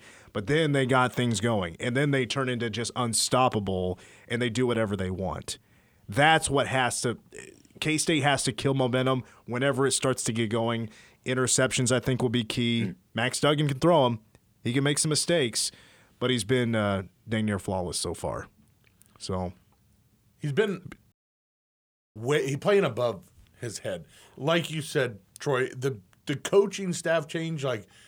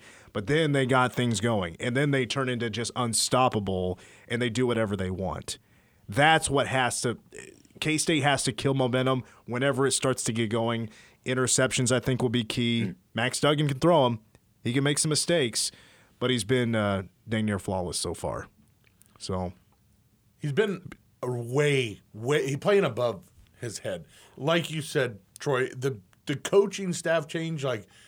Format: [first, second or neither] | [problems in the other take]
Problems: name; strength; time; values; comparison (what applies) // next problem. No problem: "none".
second | audio cutting out; at 21 s for 1 s